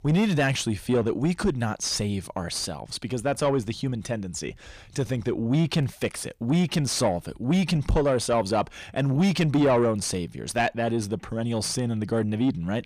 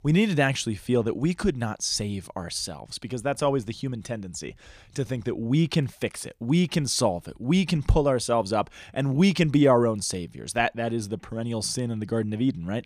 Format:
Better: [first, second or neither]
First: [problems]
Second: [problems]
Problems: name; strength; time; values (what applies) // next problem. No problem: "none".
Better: second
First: distortion; slight; 10 dB below the speech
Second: none